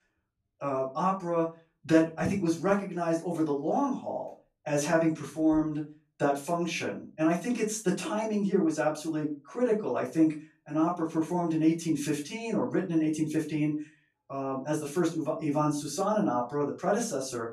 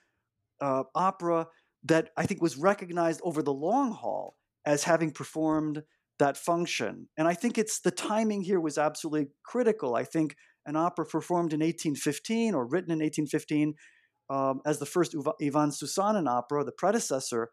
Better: second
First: off-mic speech; far // room echo; slight; dies away in 0.3 s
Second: none

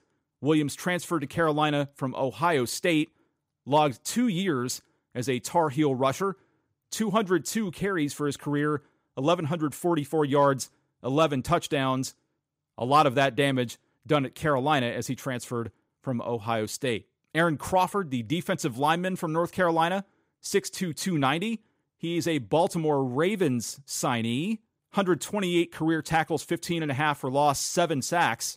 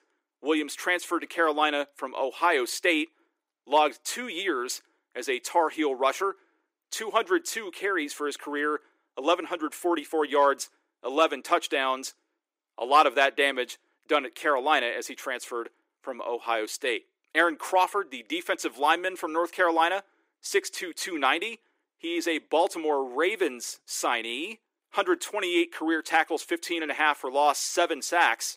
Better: first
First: none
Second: thin; somewhat; fading below 350 Hz

